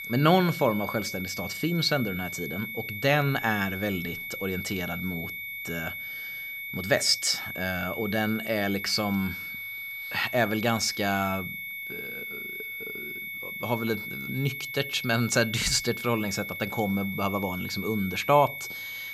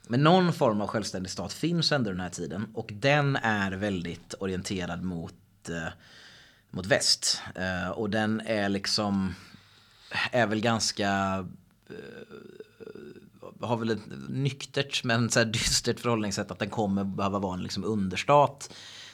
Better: second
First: high-pitched whine; loud; throughout; 2 kHz, 7 dB below the speech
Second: none

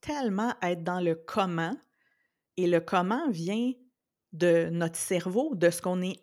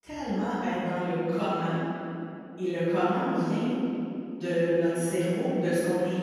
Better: first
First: none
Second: room echo; strong; dies away in 2.7 s // off-mic speech; far

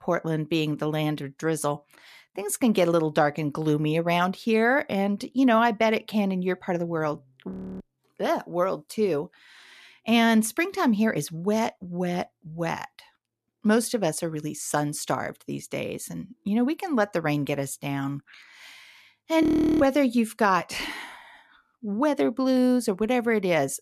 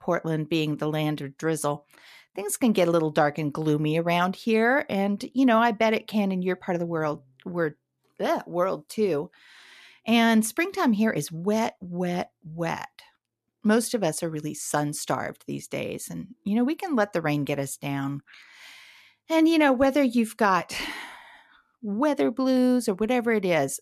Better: second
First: audio freezing; at 7.5 s and at 19 s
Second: none

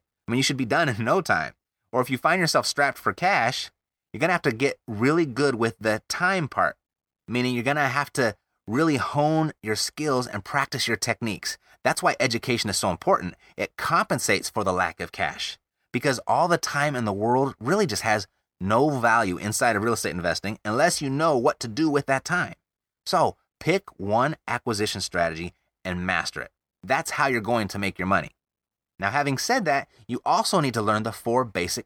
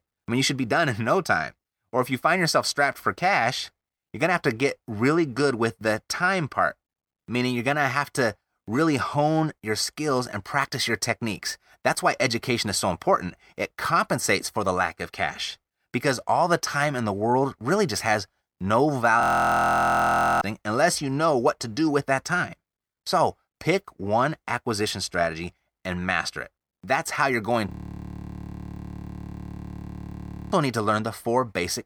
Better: first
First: none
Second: audio freezing; at 19 s for 1 s and at 28 s for 3 s

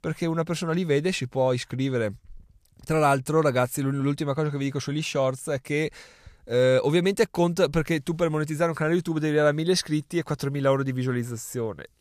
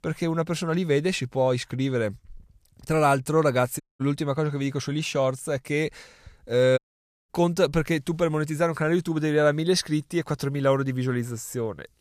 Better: first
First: none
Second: audio cutting out; at 4 s and at 7 s for 0.5 s

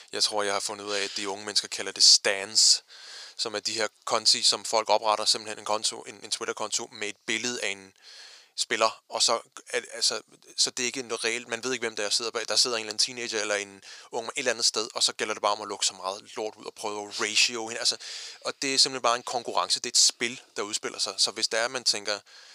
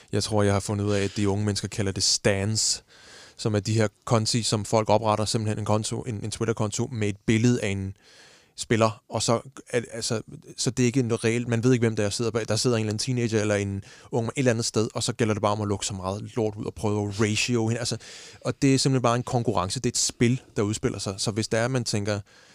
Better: second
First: thin; very; fading below 650 Hz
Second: none

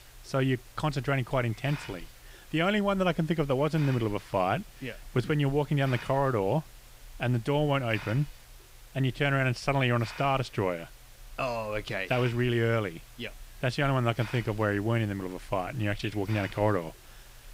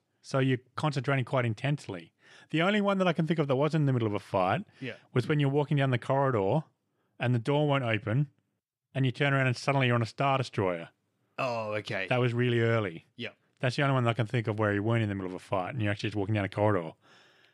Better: second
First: hiss; noticeable; throughout; 20 dB below the speech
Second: none

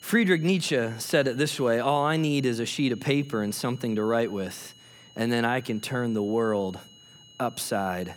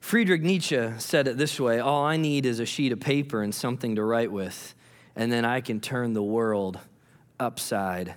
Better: second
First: high-pitched whine; faint; throughout; 3 kHz, 25 dB below the speech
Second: none

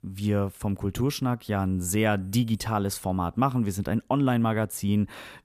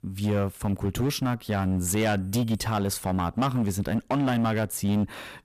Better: first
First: none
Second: distortion; slight; 14% of the sound clipped

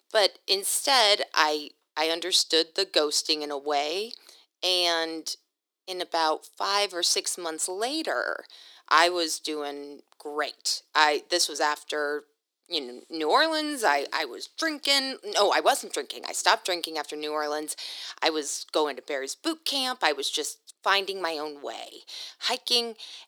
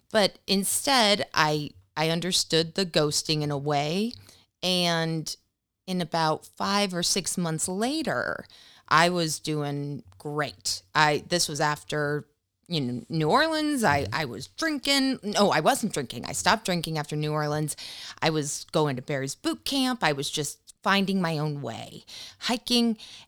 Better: second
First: thin; very; fading below 350 Hz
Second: none

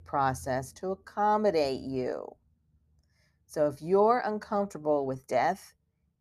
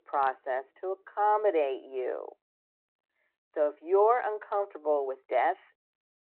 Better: first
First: none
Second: phone-call audio

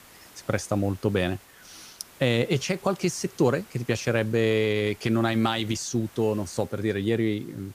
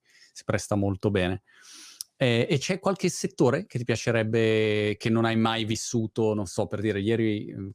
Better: second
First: hiss; faint; throughout; 25 dB below the speech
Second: none

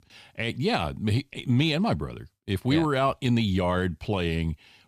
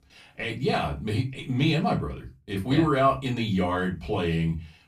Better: first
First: none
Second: off-mic speech; far // room echo; very slight; dies away in 0.2 s

